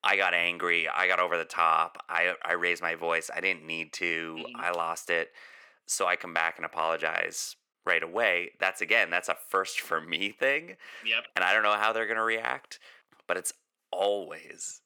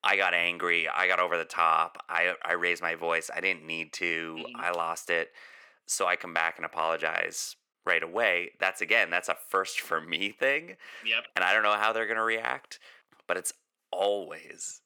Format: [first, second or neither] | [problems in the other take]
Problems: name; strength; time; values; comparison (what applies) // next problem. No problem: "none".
neither | thin; very; fading below 450 Hz; the same in both